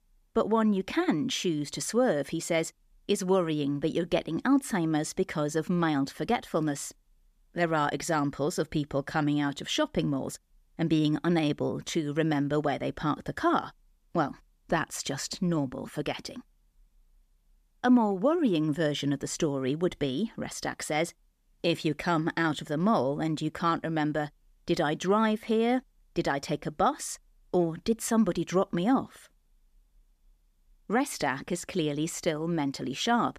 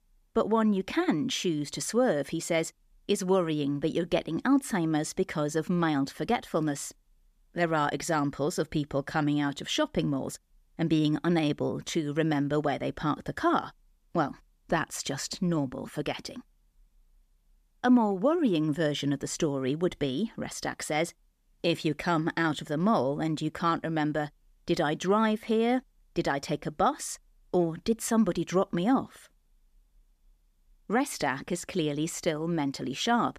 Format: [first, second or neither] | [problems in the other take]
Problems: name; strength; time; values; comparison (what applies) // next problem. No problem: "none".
neither | none